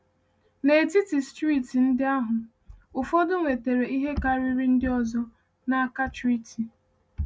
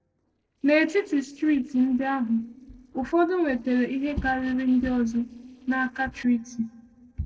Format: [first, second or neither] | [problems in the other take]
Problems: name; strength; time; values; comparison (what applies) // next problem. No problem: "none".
first | noise reduction (neural separator model SepFormer DNS4)